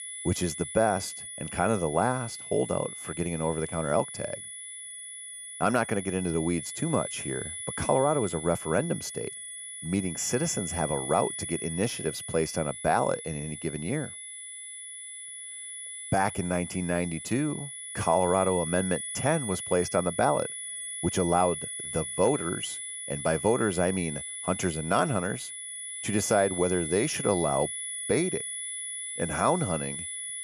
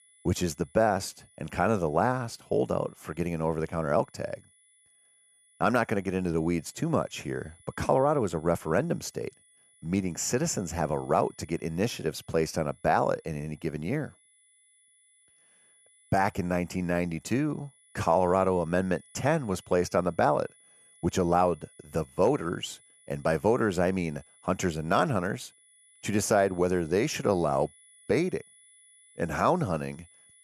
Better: second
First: high-pitched whine; loud; throughout; 10 kHz, 6 dB below the speech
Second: high-pitched whine; faint; throughout; 10 kHz, 30 dB below the speech

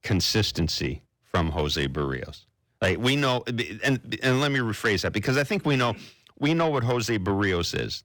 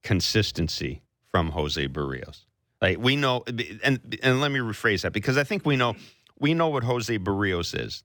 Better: second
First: distortion; slight; 10 dB below the speech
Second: none

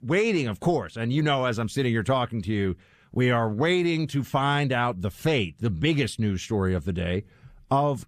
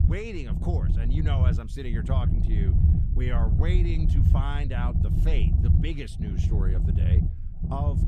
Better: first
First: none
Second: low rumble; loud; throughout; 2 dB below the speech

